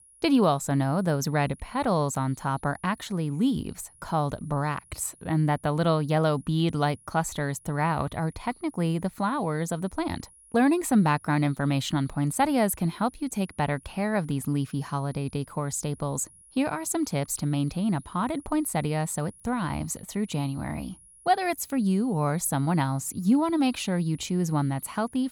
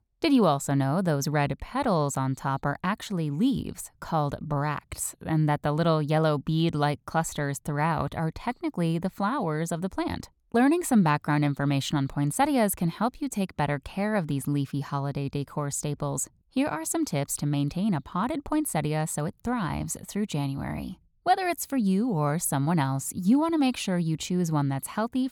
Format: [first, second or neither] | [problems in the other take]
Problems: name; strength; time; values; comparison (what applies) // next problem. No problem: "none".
second | high-pitched whine; faint; throughout; 10.5 kHz, 25 dB below the speech